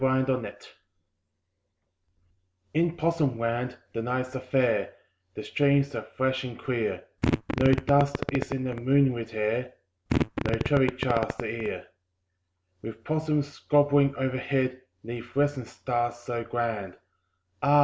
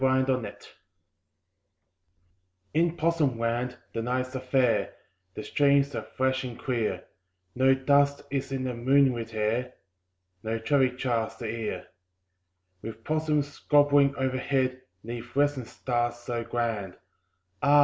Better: second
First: background sound (Fart); 2 dB below the speech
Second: none

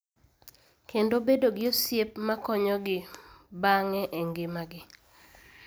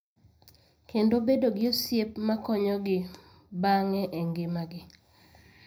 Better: first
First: none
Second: room echo; dies away in 0.4 s

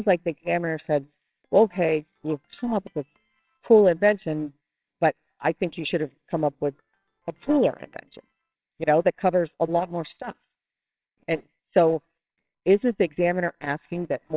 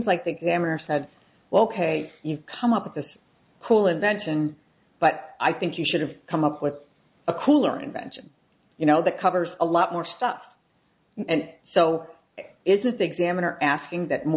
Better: second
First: noise reduction (neural separator model SepFormer WHAMR!)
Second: none

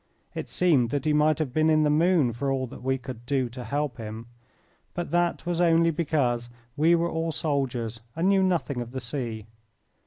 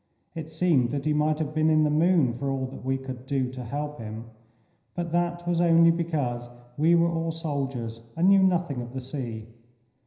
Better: first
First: none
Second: room echo; dies away in 0.9 s

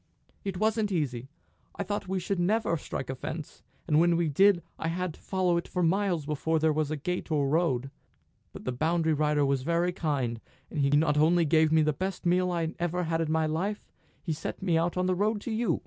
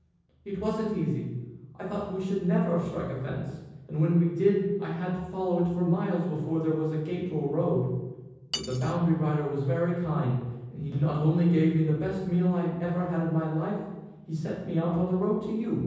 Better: first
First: none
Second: background sound (Cutlery, silverware); 16 dB below the speech // room echo; dies away in 1.1 s

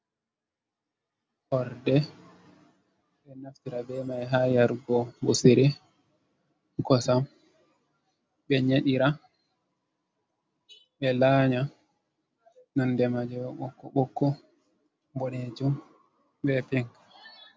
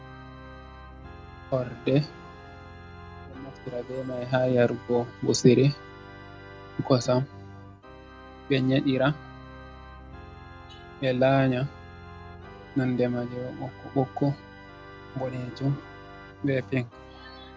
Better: first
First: none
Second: background sound (Organ); 16 dB below the speech

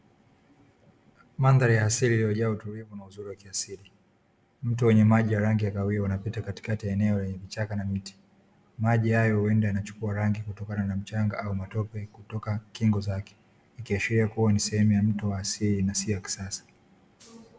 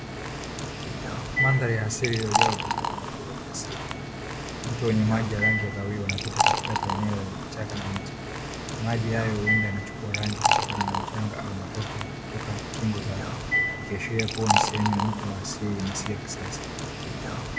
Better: first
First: none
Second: background sound (Liquid); 1 dB above the speech

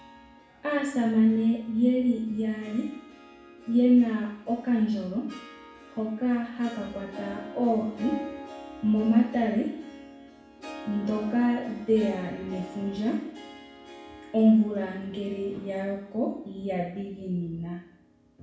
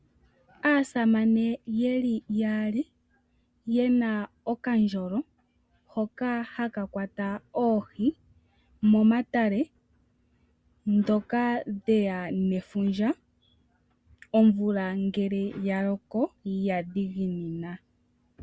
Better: second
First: background sound (Harp); 18 dB below the speech // room echo; dies away in 0.6 s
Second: none

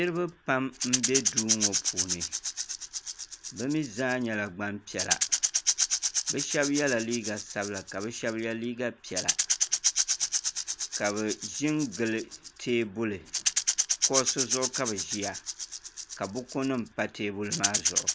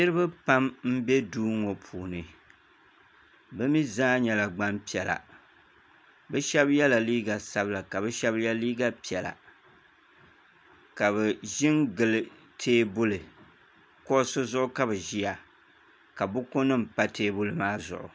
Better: second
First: background sound (Rattle / Rattle (instrument)); 1 dB above the speech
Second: none

